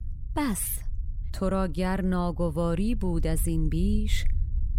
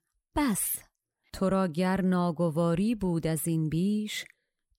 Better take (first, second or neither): second